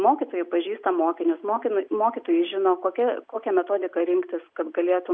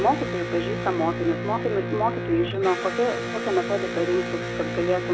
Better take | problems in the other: first | background sound (Electric guitar); 4 dB below the speech

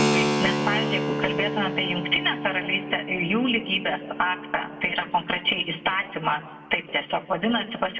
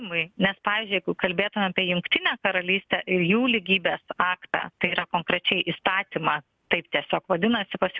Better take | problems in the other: second | background sound (Keyboard (musical)); 4 dB below the speech // room echo; dies away in 1.1 s

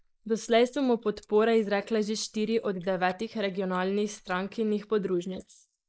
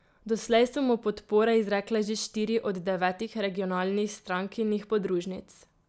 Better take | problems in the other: second | noise reduction (neural mask model Resemble Enhance denoiser)

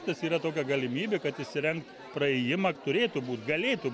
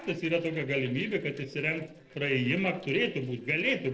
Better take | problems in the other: first | noise reduction (neural separator model SepFormer DNS4)

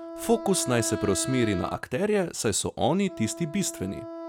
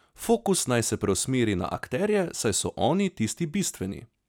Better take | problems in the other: second | background sound (Wind instrument, woodwind instrument); 11 dB below the speech

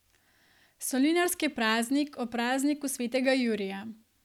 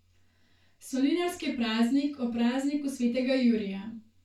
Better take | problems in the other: first | room echo; dies away in 0.2 s

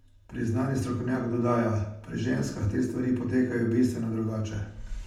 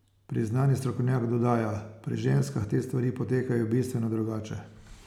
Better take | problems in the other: second | room echo; dies away in 0.4 s

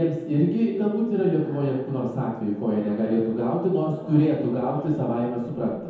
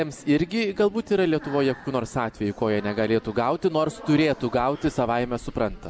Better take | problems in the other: second | room echo; dies away in 0.9 s

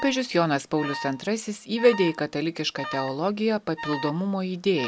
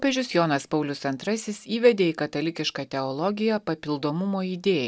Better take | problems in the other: second | background sound (Alarm); 13 dB below the speech

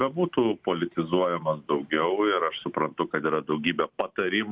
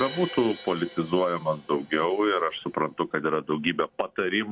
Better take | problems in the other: first | background sound (Crash cymbal); 19 dB below the speech

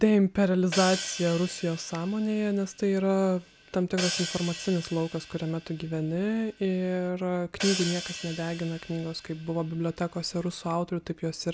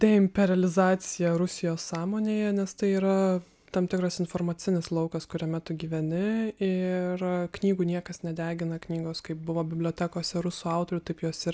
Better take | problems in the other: second | background sound (Hi-hat); 11 dB below the speech

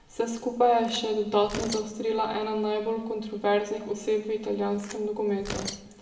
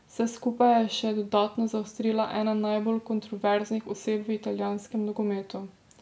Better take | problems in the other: second | background sound (Tearing); 15 dB below the speech // room echo; dies away in 1.3 s

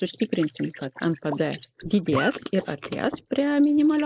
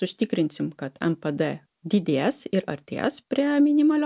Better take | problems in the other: second | noise reduction (neural mask model Resemble Enhance denoiser)

